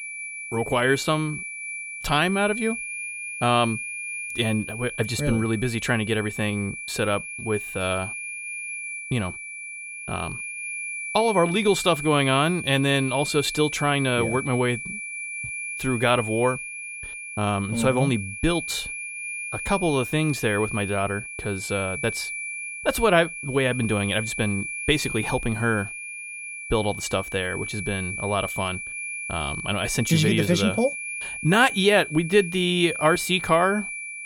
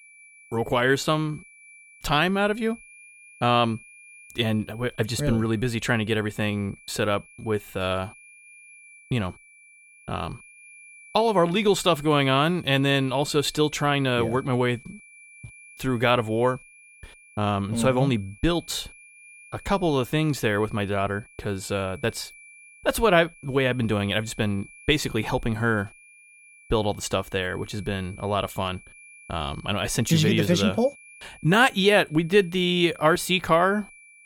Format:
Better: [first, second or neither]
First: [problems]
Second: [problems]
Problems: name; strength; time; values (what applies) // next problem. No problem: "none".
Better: second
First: high-pitched whine; loud; throughout; 2.5 kHz, 7 dB below the speech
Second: high-pitched whine; faint; throughout; 2.5 kHz, 25 dB below the speech